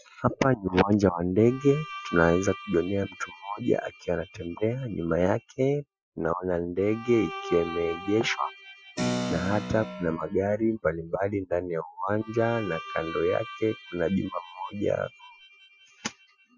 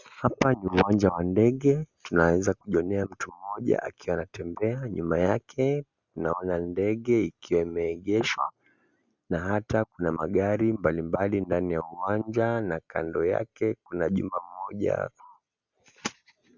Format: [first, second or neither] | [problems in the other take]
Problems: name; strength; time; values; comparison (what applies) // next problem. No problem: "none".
second | noise reduction (classical method Wiener filter)